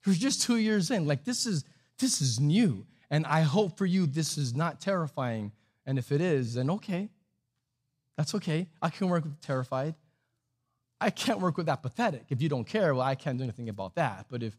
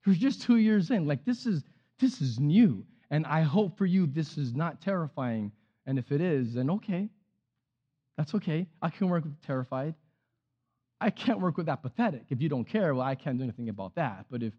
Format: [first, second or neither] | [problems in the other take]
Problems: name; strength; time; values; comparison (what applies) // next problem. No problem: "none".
first | muffled; slightly; fading above 3.5 kHz